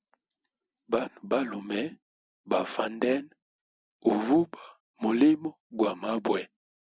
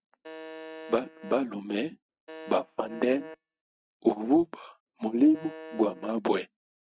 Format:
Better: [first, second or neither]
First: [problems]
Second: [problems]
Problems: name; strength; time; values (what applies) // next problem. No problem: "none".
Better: first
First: none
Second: noise reduction (neural mask model RNNoise)